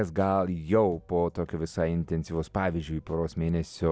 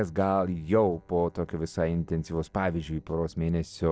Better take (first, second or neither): first